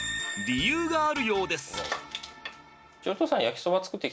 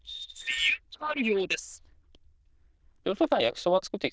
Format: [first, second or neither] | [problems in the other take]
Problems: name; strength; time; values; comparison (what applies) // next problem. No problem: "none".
first | noise reduction (neural diffusion model UNIVERSE++)